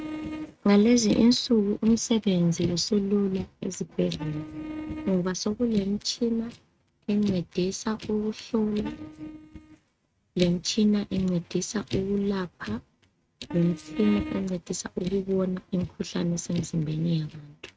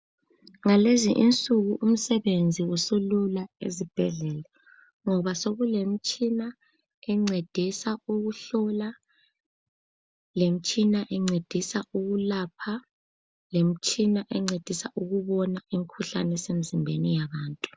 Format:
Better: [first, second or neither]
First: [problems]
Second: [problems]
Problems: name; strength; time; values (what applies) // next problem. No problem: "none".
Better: second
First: noise reduction (neural mask model RNNoise)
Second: none